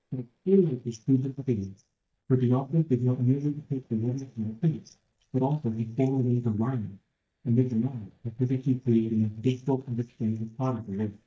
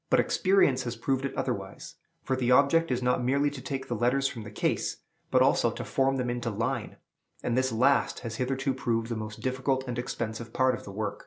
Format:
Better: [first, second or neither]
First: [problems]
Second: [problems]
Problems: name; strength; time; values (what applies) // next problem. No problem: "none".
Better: second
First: noise reduction (neural mask model DeepFilterNet 3)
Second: none